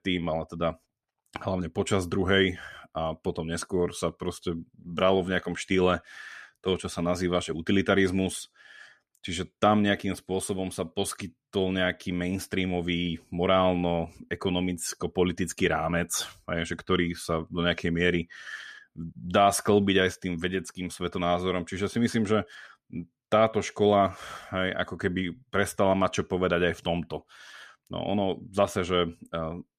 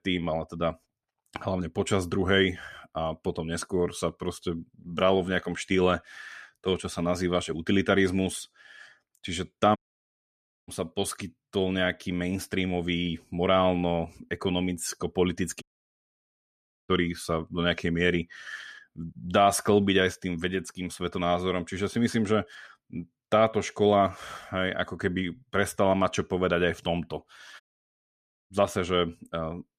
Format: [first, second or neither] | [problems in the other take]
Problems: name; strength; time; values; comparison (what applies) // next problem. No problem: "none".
first | audio cutting out; at 10 s for 1 s, at 16 s for 1.5 s and at 28 s for 1 s